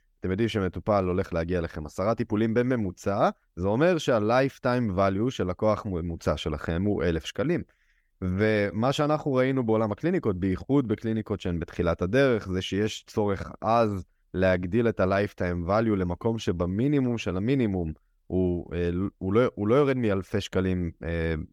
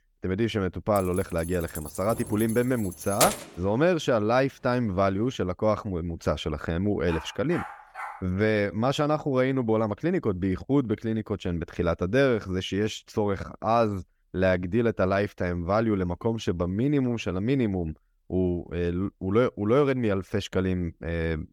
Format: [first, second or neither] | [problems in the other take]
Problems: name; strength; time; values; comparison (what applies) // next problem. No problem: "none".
first | jangling keys; loud; from 1 to 3.5 s; peak 1 dB above the speech // dog barking; faint; from 7 to 8 s; peak 10 dB below the speech